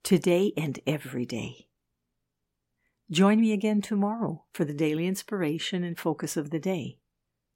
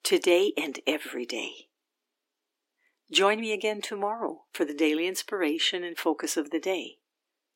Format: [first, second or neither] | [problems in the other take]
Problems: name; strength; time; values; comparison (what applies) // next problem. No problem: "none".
first | thin; somewhat; fading below 300 Hz